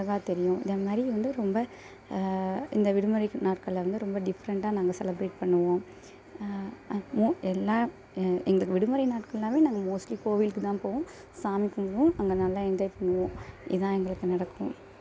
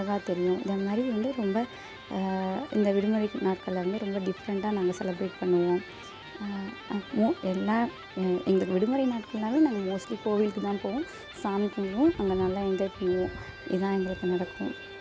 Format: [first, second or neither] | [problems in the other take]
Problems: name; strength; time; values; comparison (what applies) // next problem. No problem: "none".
first | background sound (Electric guitar); 17 dB below the speech